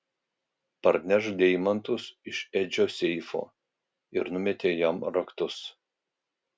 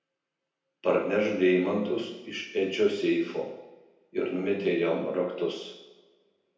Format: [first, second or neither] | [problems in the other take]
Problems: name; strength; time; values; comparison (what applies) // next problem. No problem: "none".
first | room echo; dies away in 0.9 s